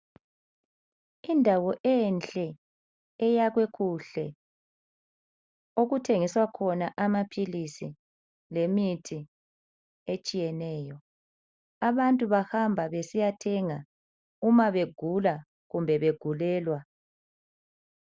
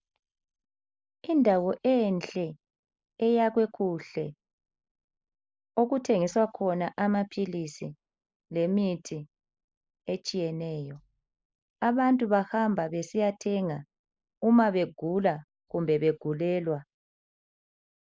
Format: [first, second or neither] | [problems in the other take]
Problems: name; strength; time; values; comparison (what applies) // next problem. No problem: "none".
first | noise reduction (neural mask model Resemble Enhance denoiser)